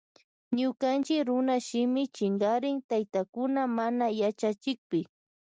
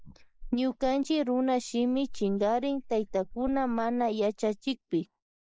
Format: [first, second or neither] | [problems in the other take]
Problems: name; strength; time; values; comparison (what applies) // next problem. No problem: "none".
first | noise reduction (neural mask model Resemble Enhance denoiser)